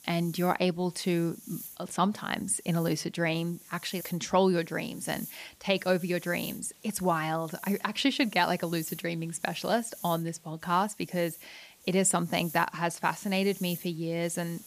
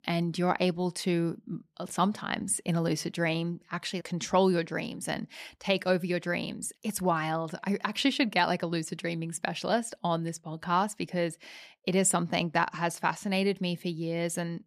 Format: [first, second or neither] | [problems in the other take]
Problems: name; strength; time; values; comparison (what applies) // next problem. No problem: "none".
second | hiss; noticeable; throughout; 15 dB below the speech